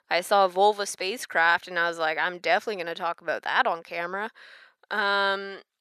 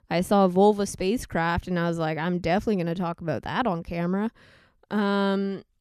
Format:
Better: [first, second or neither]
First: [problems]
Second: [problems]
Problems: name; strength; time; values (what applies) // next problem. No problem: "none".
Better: second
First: thin; very; fading below 650 Hz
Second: none